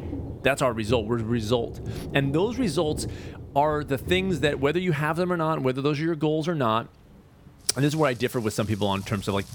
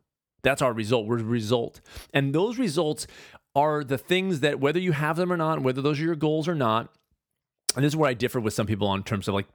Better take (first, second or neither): second